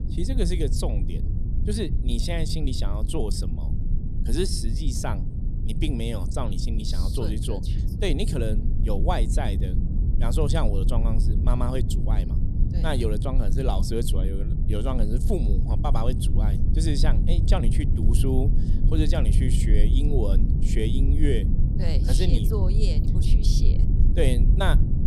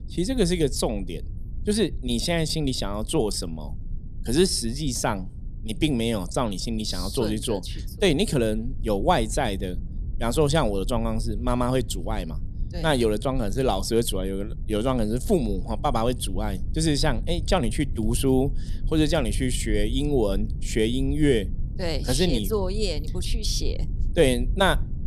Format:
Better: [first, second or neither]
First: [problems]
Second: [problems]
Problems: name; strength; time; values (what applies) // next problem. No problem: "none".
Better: second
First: low rumble; loud; throughout; 7 dB below the speech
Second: low rumble; faint; throughout; 25 dB below the speech